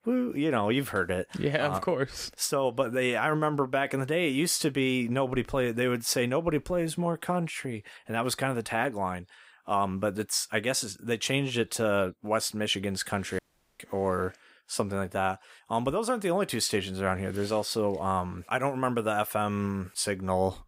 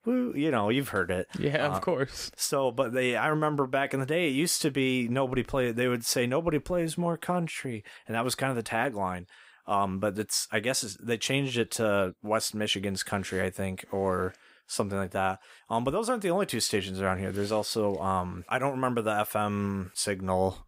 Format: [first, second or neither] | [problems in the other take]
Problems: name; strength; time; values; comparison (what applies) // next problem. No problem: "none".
second | audio cutting out; at 13 s